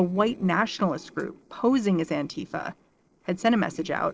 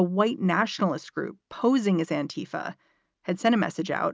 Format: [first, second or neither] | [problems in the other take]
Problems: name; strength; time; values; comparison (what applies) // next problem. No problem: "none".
second | noise reduction (neural separator model SepFormer DNS4)